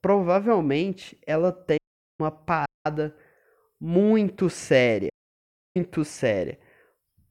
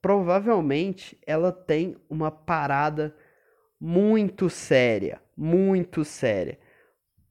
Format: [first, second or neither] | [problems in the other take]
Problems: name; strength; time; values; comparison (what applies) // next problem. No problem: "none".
second | audio cutting out; at 2 s, at 2.5 s and at 5 s for 0.5 s